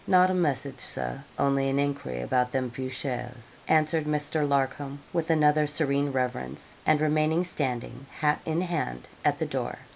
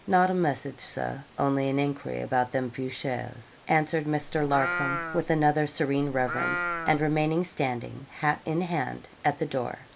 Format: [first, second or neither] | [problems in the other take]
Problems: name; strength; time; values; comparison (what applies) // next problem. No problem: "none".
first | background sound (Livestock, farm animals, working animals); 5 dB below the speech